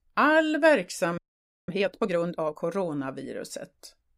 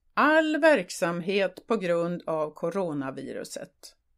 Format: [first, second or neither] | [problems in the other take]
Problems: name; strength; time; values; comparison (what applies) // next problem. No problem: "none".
second | audio freezing; at 1 s for 0.5 s